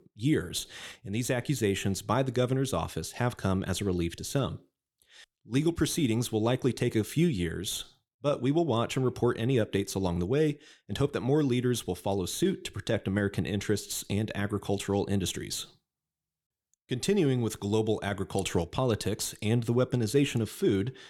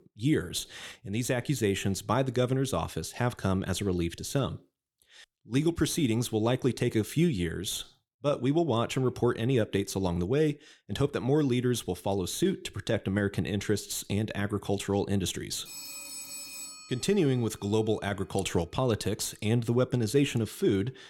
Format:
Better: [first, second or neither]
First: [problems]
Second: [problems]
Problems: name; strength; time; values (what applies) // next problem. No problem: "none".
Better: first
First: none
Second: phone ringing; noticeable; from 16 to 17 s; peak 9 dB below the speech